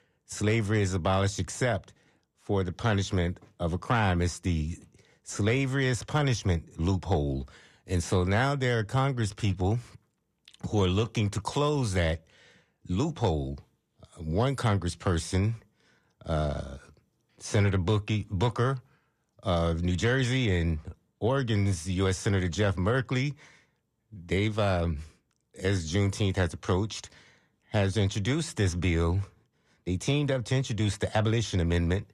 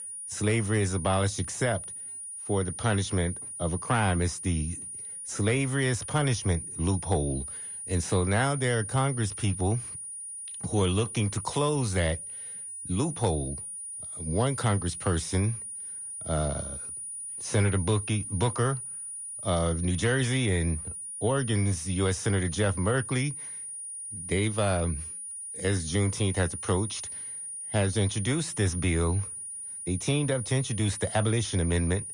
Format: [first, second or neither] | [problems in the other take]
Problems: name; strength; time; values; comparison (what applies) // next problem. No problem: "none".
first | high-pitched whine; loud; throughout; 9.5 kHz, 7 dB below the speech